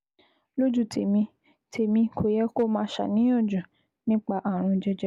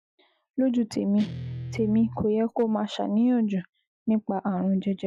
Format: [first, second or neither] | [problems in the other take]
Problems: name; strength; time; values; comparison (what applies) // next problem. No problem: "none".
first | noise reduction (classical method Wiener filter)